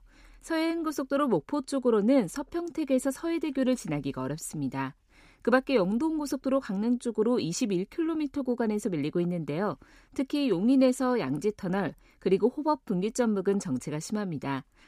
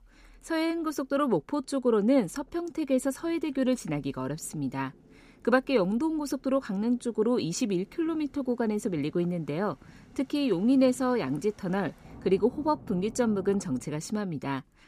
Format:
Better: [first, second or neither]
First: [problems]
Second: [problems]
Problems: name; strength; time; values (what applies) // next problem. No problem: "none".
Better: first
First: none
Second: rain or running water; faint; throughout; 25 dB below the speech